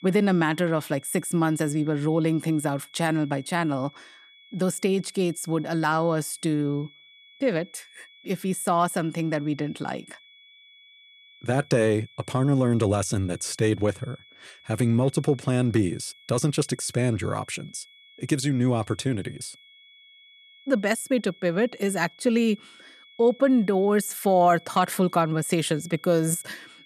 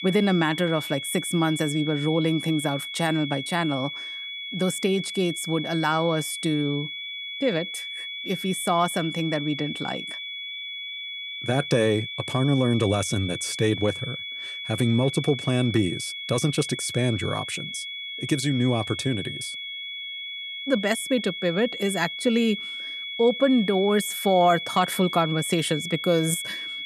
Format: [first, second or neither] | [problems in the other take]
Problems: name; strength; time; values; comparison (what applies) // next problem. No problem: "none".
first | high-pitched whine; loud; throughout; 3.5 kHz, 7 dB below the speech; faint in the first